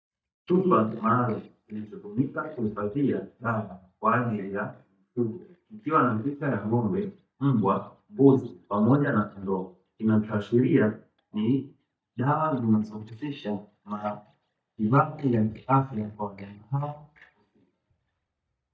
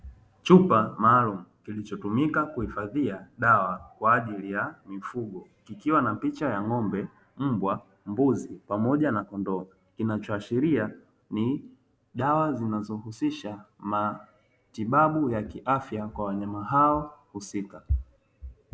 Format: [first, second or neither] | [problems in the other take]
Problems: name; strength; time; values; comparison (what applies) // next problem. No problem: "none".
second | noise reduction (neural mask model DeepFilterNet 3)